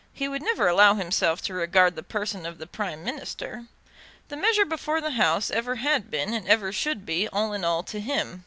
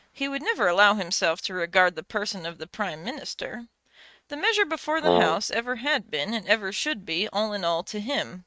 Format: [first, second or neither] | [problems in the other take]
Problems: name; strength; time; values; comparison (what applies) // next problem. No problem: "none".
first | noise reduction (neural mask model RNNoise)